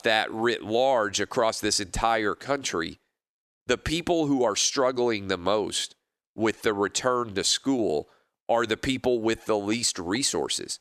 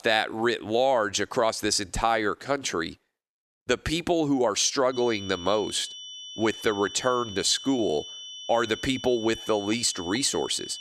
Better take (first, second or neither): first